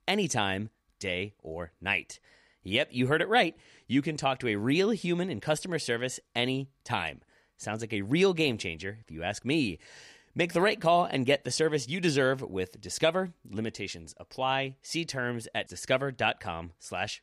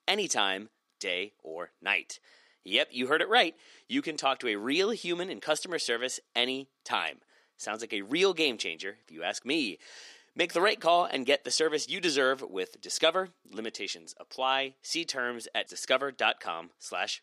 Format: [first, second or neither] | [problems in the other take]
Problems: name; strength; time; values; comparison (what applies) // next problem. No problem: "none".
first | thin; very slightly; fading below 300 Hz